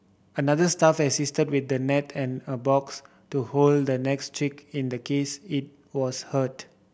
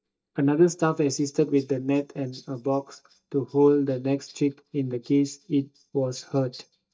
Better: first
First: none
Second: noise reduction (neural mask model DeepFilterNet 3)

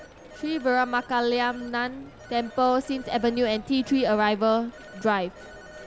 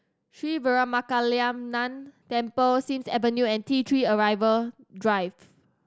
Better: second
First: background sound (Telephone); 19 dB below the speech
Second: none

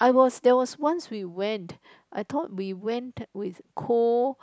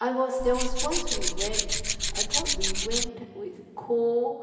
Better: first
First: none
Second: background sound (Tools); 3 dB above the speech // room echo; dies away in 2.7 s

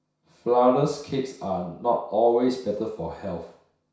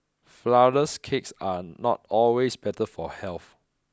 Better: second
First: room echo; dies away in 0.6 s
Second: none

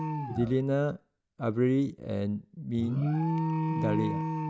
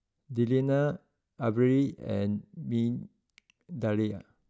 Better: second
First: background sound (Alarm); 2 dB below the speech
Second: none

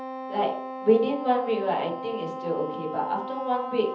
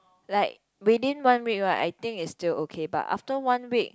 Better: second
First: background sound (Wind instrument, woodwind instrument); 8 dB below the speech // room echo; dies away in 0.7 s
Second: none

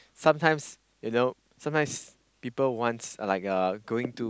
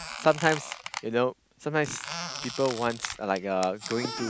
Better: first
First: none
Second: background sound (Squeak); 10 dB below the speech

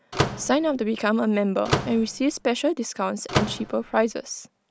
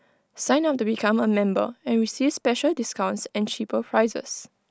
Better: second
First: background sound (Slam / Microwave oven); 5 dB below the speech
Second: none

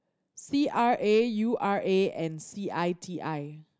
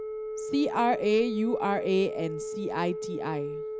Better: first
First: none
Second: background sound (Telephone); 6 dB below the speech

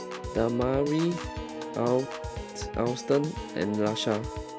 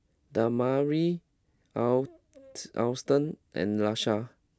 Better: second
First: background sound (Piano / Organ); 7 dB below the speech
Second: none

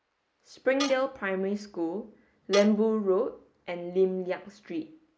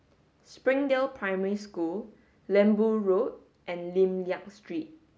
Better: second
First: noise reduction (neural mask model Resemble Enhance denoiser)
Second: none

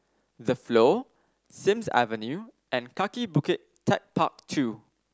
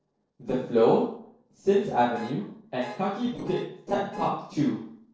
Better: first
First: none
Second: noise reduction (neural separator model SepFormer DNS4)

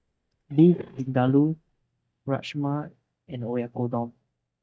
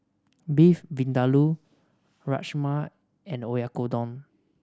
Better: second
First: noise reduction (neural mask model DeepFilterNet 3)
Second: none

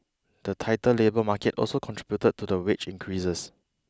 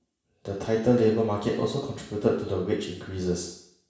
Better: first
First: none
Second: room echo; dies away in 0.7 s

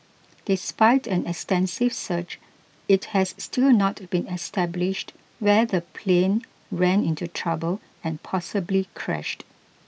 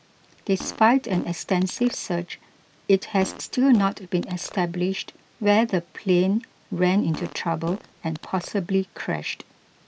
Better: first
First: none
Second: background sound (Fart); 18 dB below the speech

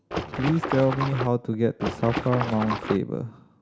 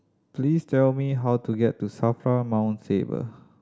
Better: second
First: background sound (Water / Splash, splatter); 4 dB below the speech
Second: none

